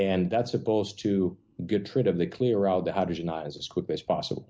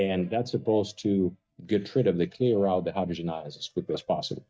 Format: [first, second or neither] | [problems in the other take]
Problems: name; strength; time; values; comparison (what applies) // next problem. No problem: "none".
first | noise reduction (neural mask model DeepFilterNet 3)